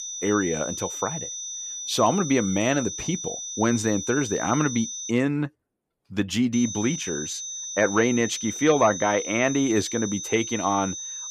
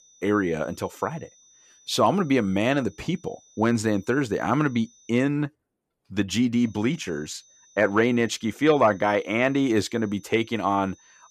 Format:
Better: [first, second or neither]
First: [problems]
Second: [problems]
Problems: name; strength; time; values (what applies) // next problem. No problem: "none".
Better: second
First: high-pitched whine; loud; until 5 s and from 6.5 s on; 6 kHz, 7 dB below the speech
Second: high-pitched whine; faint; until 5 s and from 6.5 s on; 6 kHz, 30 dB below the speech